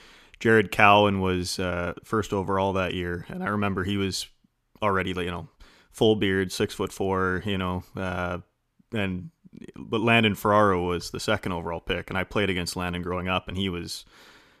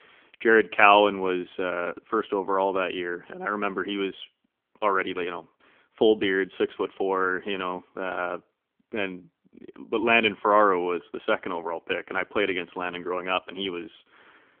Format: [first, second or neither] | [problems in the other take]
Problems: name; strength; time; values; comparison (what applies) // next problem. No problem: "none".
first | phone-call audio; nothing above 3 kHz